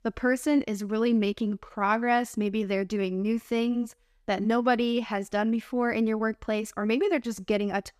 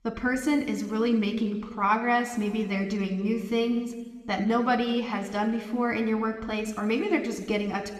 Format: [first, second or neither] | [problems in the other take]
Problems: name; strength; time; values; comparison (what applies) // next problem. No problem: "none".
first | room echo; slight; dies away in 1.4 s